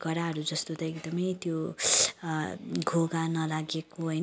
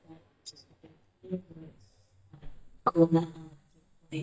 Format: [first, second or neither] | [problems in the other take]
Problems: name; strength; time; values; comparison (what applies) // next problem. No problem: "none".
first | noise reduction (neural mask model DeepFilterNet 3)